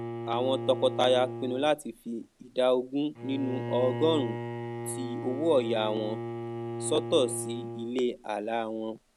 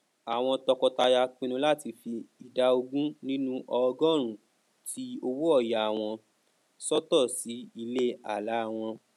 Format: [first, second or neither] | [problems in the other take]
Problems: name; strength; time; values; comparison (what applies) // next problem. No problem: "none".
second | background sound (Bowed string instrument); 8 dB below the speech